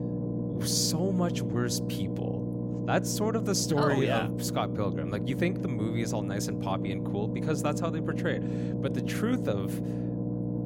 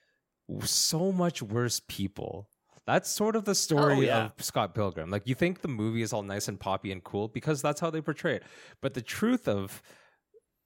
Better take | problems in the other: second | low rumble; loud; throughout; 6 dB below the speech

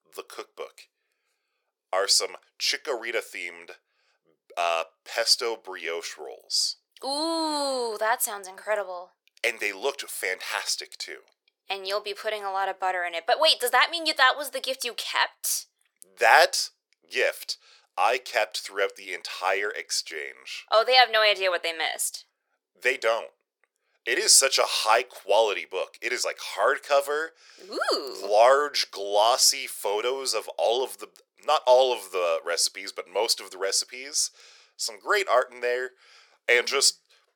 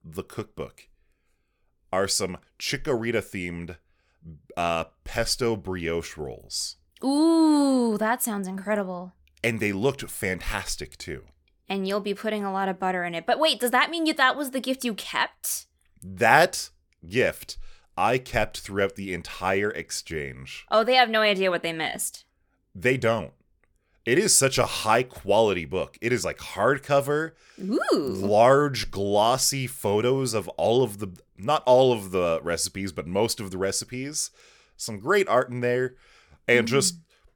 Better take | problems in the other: second | thin; very; fading below 450 Hz

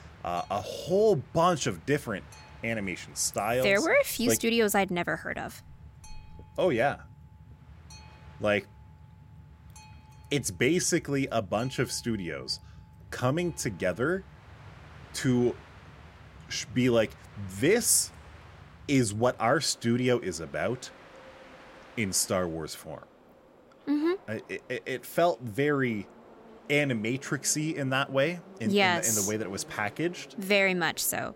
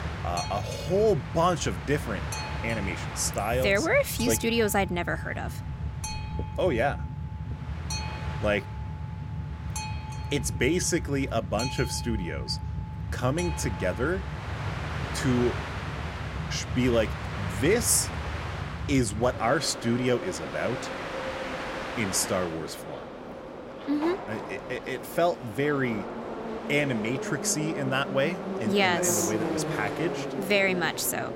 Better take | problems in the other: first | train or aircraft noise; loud; throughout; 7 dB below the speech; faint in the first

